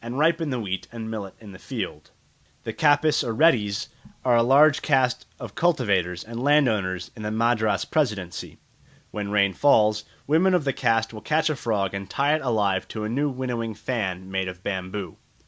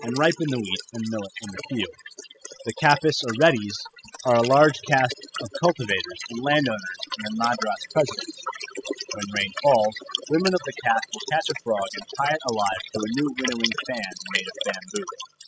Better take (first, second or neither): first